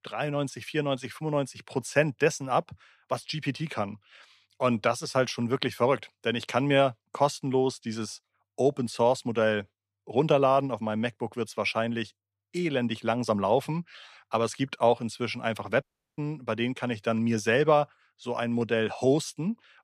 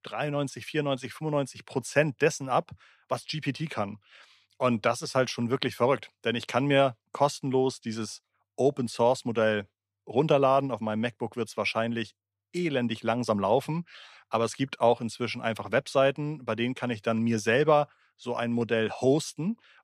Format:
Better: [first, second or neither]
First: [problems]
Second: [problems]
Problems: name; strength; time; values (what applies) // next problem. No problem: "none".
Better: second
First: audio cutting out; at 16 s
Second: none